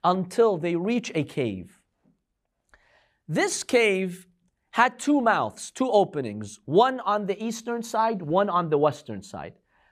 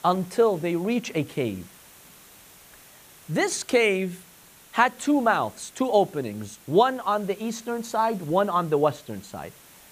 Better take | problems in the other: first | hiss; faint; throughout; 25 dB below the speech

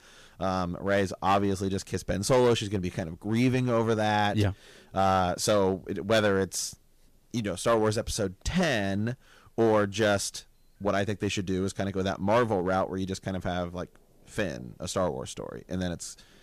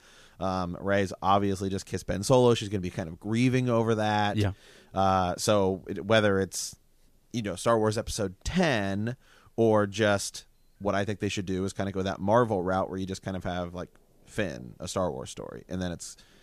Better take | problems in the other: second | distortion; slight; 4% of the sound clipped

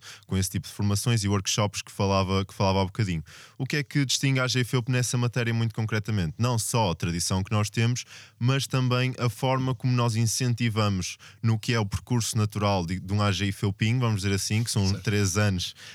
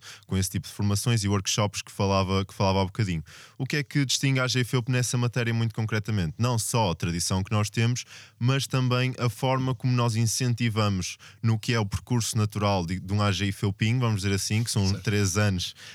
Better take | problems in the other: neither | none

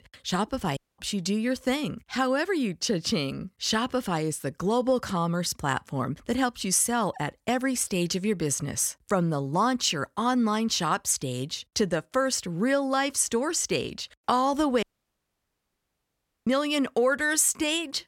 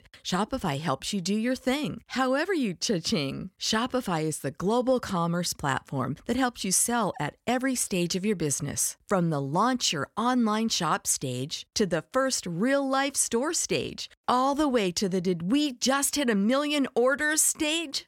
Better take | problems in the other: second | audio cutting out; at 1 s and at 15 s for 1.5 s

